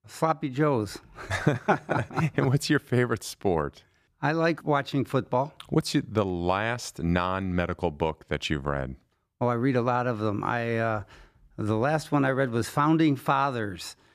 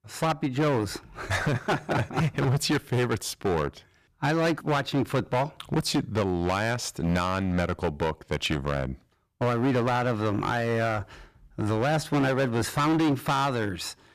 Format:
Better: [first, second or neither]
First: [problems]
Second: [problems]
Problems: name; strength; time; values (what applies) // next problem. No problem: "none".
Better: first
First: none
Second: distortion; heavy; 14% of the sound clipped